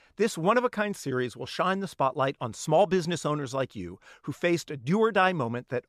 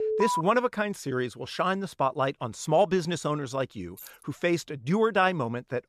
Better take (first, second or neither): first